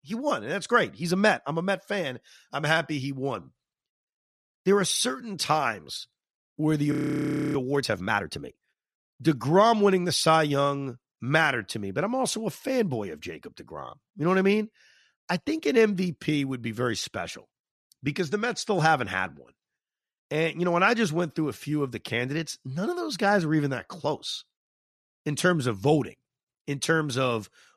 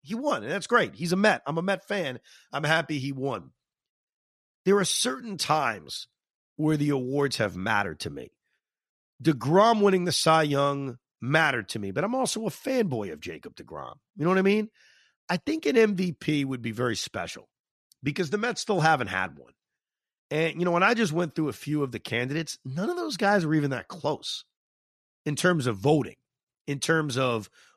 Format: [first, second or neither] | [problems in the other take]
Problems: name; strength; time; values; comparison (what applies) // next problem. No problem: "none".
second | audio freezing; at 7 s for 0.5 s